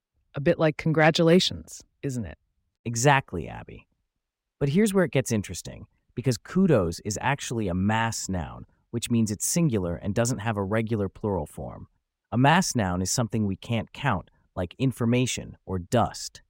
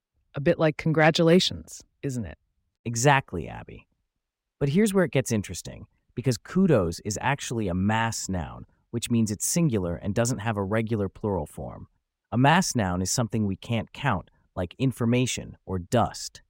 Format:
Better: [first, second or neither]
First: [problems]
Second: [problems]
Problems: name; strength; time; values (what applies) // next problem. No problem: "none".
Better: neither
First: none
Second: none